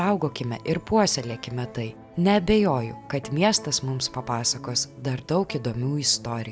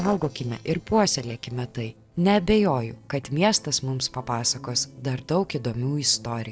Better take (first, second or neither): first